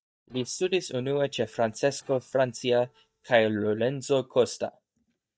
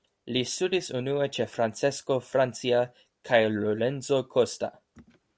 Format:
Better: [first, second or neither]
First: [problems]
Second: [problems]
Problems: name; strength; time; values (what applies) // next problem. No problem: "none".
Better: second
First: noise reduction (neural mask model DeepFilterNet 3)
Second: none